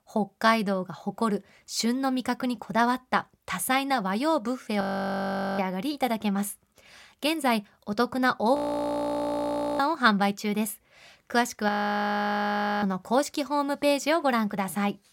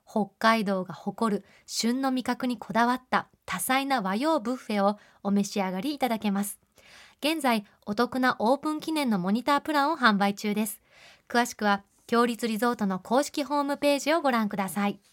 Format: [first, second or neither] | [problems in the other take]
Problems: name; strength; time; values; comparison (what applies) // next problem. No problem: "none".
second | audio freezing; at 5 s for 1 s, at 8.5 s for 1 s and at 12 s for 1 s